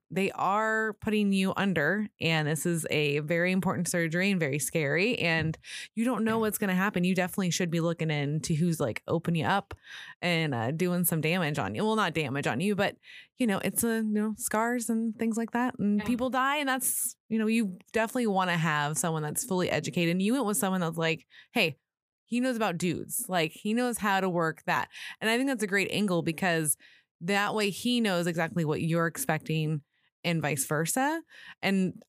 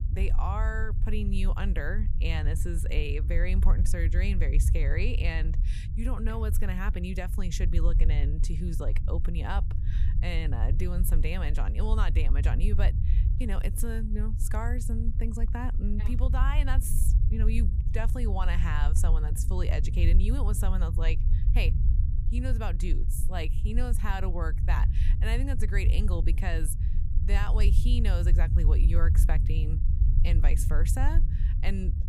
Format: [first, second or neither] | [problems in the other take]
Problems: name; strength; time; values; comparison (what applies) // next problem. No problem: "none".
first | low rumble; loud; throughout; 9 dB below the speech